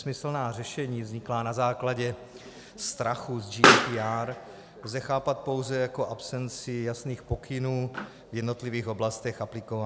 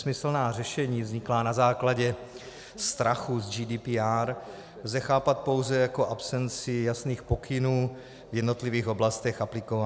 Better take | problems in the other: second | background sound (Explosion); 1 dB below the speech

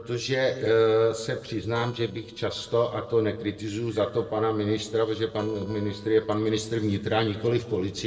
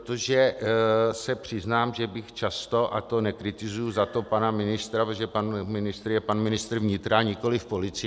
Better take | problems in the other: second | noise reduction (neural separator model SepFormer DNS4)

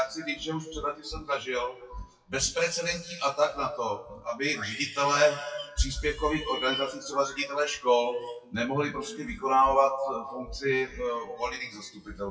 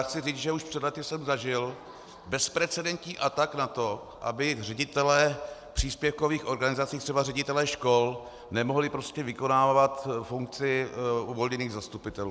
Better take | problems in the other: second | noise reduction (classical method WPE with log-MMSE)

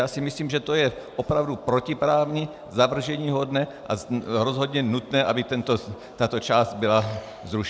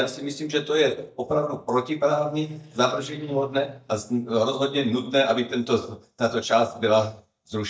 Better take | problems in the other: first | noise reduction (neural mask model DeepFilterNet 3)

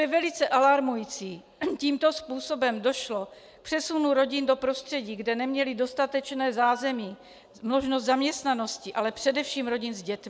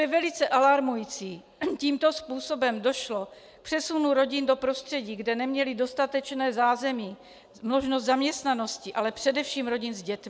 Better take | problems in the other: second | background sound (Piano); 20 dB below the speech

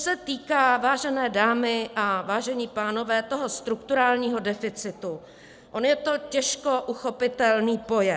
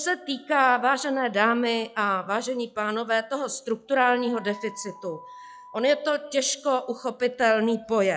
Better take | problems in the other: first | noise reduction (classical method log-MMSE)

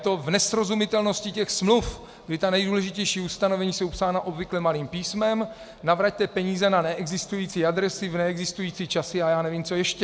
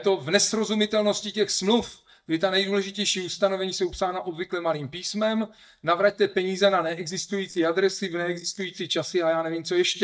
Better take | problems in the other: first | noise reduction (neural mask model DeepFilterNet 3)

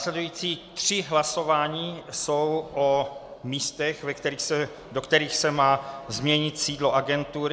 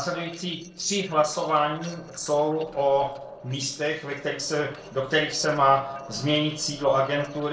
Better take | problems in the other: first | noise reduction (neural separator model SepFormer DNS4)

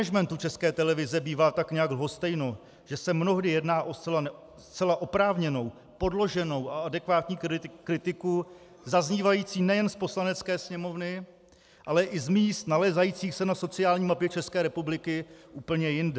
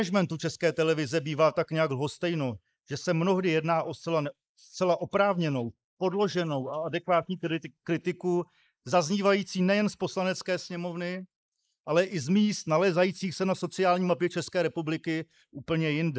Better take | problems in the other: first | noise reduction (neural mask model Resemble Enhance denoiser)

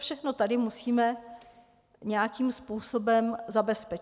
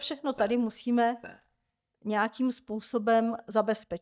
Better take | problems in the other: first | noise reduction (neural mask model DeepFilterNet 3)

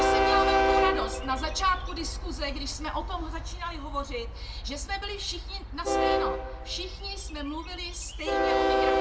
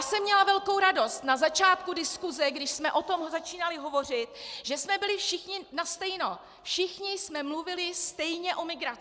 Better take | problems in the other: second | background sound (Train); 5 dB above the speech // room echo; dies away in 0.2 s

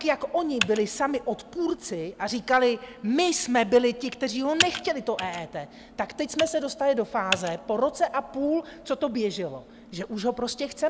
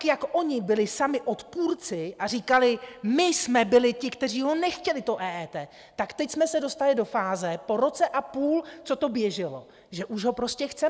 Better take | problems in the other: second | background sound (Computer keyboard); 11 dB below the speech

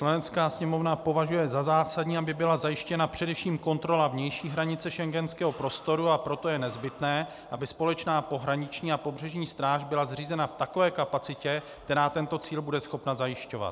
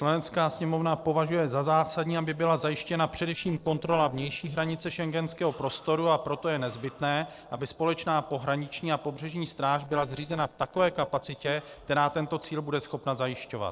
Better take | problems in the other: first | noise reduction (neural separator model SepFormer DNS4)

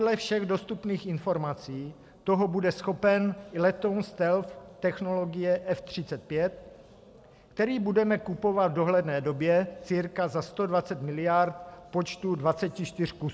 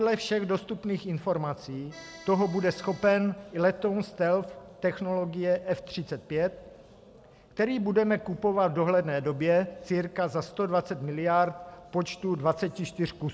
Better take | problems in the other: first | background sound (Accordion); 19 dB below the speech

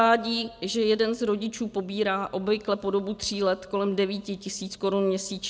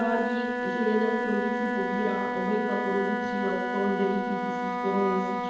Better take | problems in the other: first | background sound (Wind instrument, woodwind instrument); as loud as the speech // room echo; dies away in 0.8 s

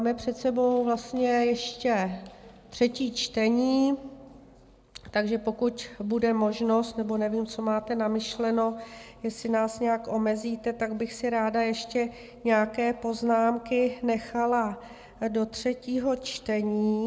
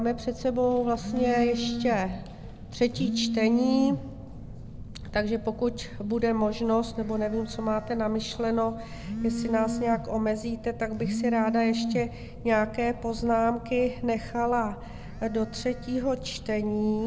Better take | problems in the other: first | background sound (Telephone); 6 dB below the speech

